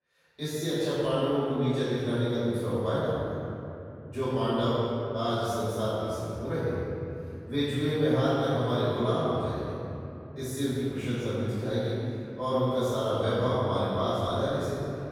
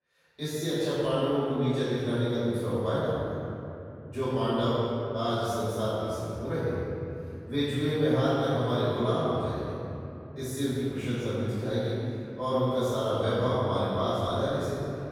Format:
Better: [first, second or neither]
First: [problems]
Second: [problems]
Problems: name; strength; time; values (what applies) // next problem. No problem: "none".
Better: neither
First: room echo; strong; dies away in 2.9 s // off-mic speech; far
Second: room echo; strong; dies away in 2.9 s // off-mic speech; far